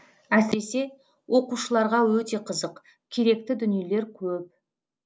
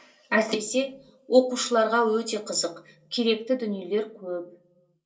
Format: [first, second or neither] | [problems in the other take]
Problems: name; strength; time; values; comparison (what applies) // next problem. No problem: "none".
first | room echo; dies away in 0.2 s